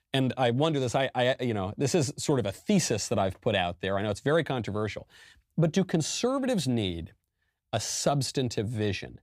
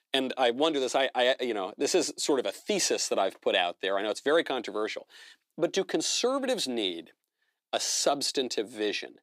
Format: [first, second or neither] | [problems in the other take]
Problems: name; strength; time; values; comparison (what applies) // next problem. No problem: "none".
first | thin; somewhat; fading below 300 Hz